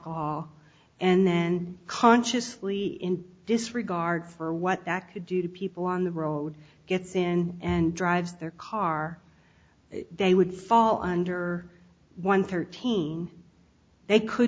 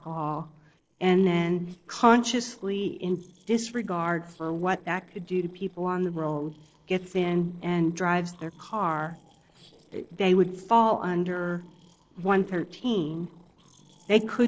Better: first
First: none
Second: noise reduction (neural separator model SepFormer DNS4)

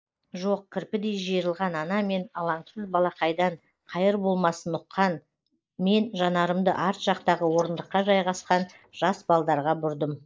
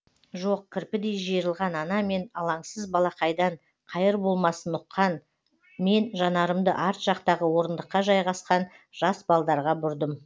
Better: second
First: noise reduction (neural mask model Resemble Enhance denoiser)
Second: none

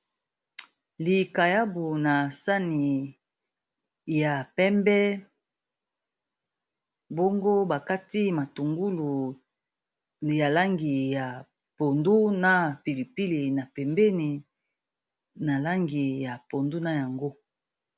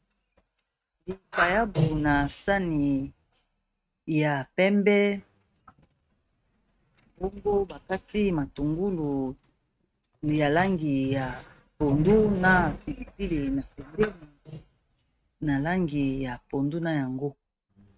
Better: first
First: none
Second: noise reduction (neural mask model RNNoise)

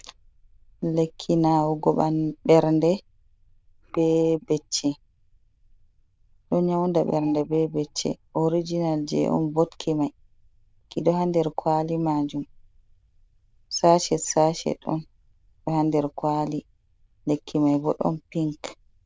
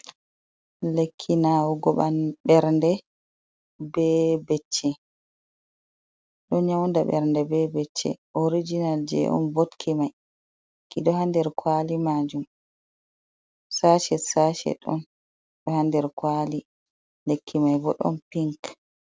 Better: second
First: noise reduction (neural diffusion model UNIVERSE++)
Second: none

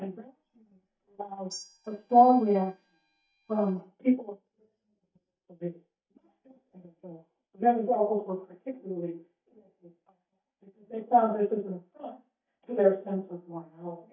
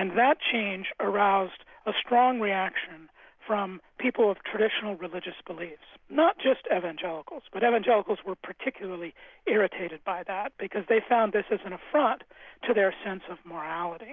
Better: second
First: noise reduction (neural mask model DeepFilterNet 3)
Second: none

